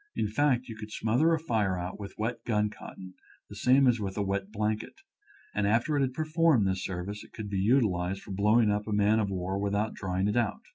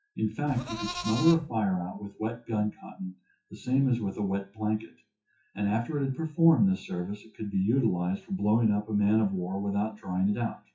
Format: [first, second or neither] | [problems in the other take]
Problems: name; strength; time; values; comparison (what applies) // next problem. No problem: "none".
first | noise reduction (classical method WPE with log-MMSE)